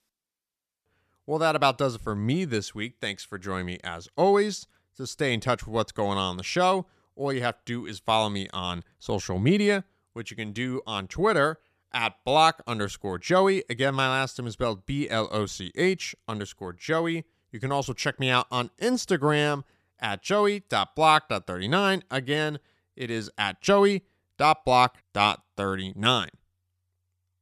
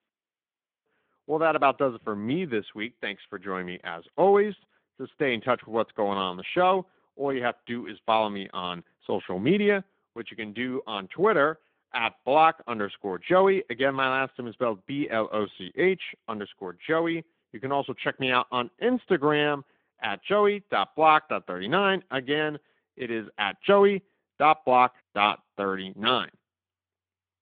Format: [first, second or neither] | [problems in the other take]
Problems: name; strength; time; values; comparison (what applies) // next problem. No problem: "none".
first | phone-call audio; nothing above 3.5 kHz